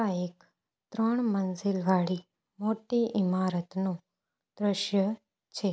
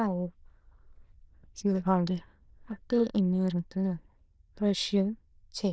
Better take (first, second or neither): first